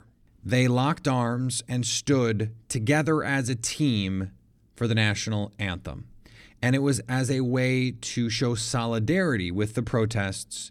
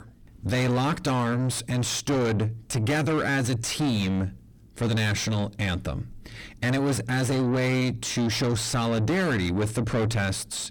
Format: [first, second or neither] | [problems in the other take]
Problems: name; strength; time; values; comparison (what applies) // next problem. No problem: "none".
first | distortion; heavy; 6 dB below the speech